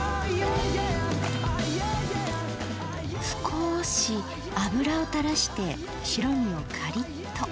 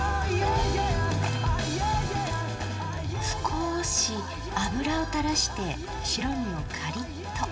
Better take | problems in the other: first | room echo; dies away in 0.3 s

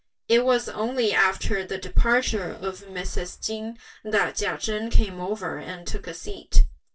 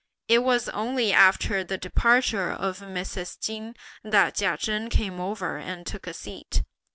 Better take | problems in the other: second | noise reduction (neural separator model SepFormer DNS4)

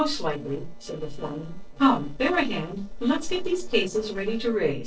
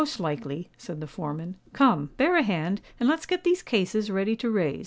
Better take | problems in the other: second | noise reduction (neural separator model SepFormer DNS4)

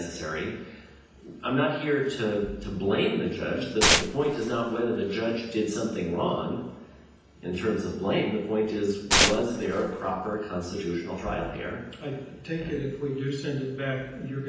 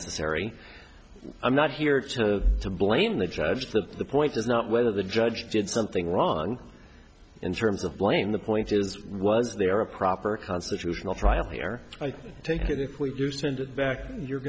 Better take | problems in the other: second | background sound (Tearing); 2 dB above the speech // room echo; dies away in 0.9 s

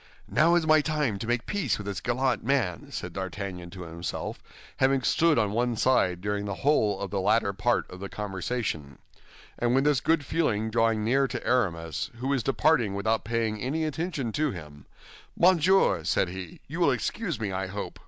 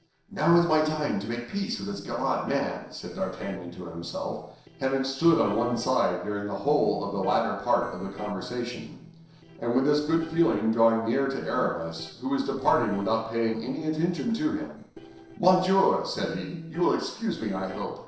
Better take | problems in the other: first | noise reduction (neural separator model SepFormer DNS4)

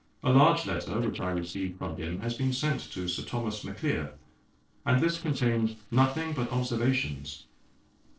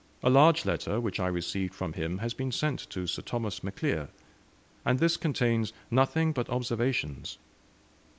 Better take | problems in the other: second | noise reduction (neural separator model SepFormer DNS4)

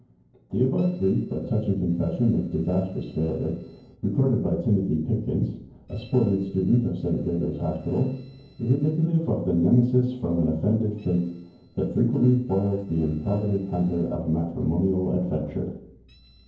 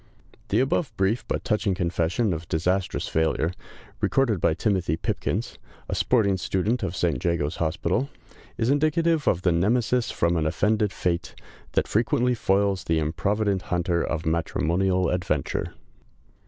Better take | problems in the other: second | noise reduction (neural separator model SepFormer DNS4)

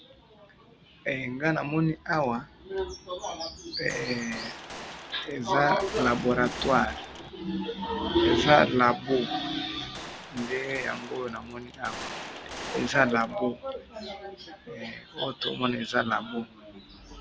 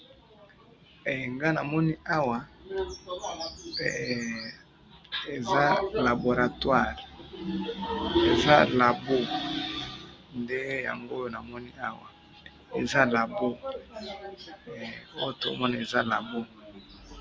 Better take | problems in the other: second | background sound (Gunshot, gunfire); 11 dB below the speech

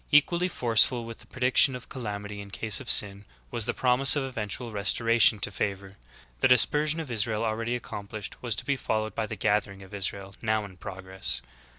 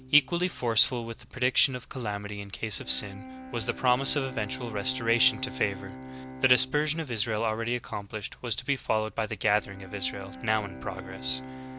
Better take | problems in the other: first | background sound (Bowed string instrument); 13 dB below the speech

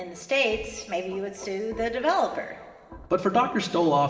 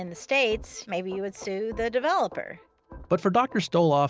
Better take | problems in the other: second | room echo; dies away in 2.1 s

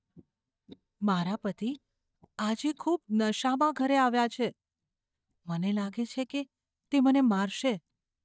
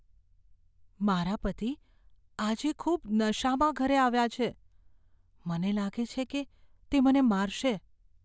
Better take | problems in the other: second | noise reduction (neural mask model DeepFilterNet 3)

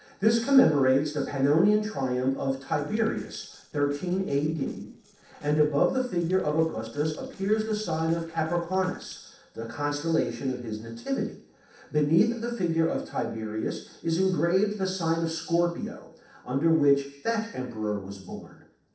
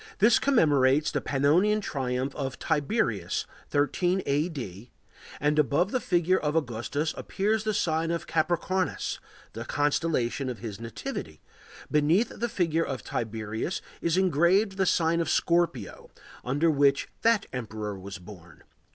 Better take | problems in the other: second | noise reduction (neural separator model SepFormer DNS4)

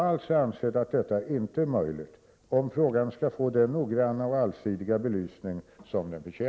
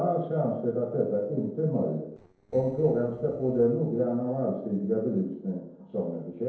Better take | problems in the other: first | noise reduction (neural separator model SepFormer DNS4)

